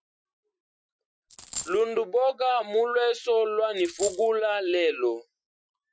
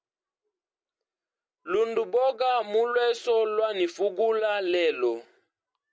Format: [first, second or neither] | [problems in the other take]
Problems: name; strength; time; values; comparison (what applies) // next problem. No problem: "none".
second | noise reduction (classical method Wiener filter)